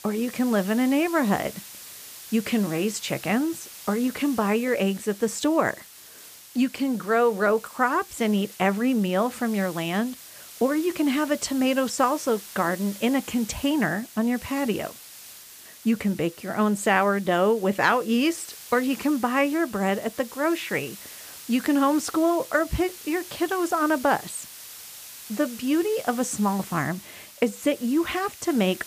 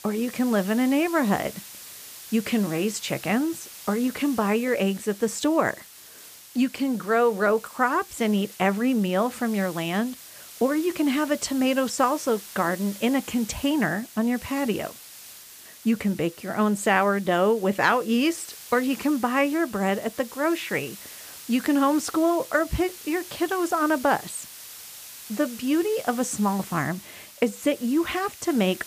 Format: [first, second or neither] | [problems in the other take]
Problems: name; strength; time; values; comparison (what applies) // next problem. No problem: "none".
neither | hiss; noticeable; throughout; 15 dB below the speech; the same in both